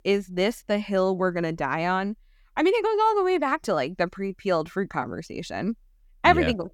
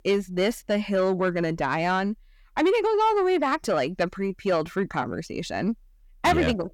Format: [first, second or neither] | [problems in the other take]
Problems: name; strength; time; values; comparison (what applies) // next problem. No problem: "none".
first | distortion; slight; 10 dB below the speech